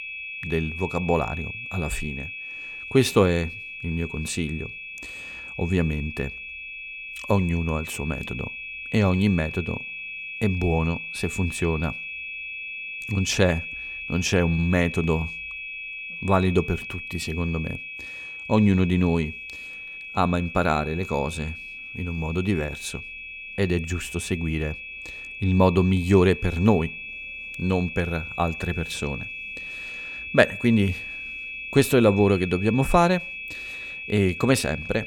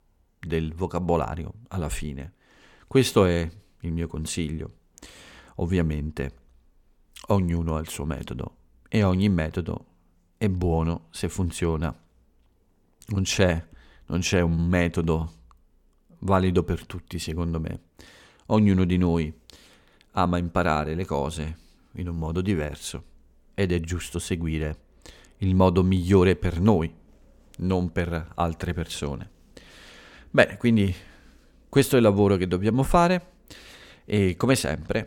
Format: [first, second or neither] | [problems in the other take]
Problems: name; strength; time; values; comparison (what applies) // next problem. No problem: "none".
second | high-pitched whine; loud; throughout; 2.5 kHz, 9 dB below the speech